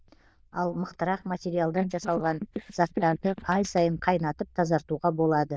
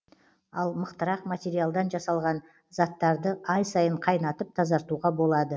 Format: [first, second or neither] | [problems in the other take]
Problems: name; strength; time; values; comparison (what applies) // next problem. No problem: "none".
second | noise reduction (neural diffusion model UNIVERSE++)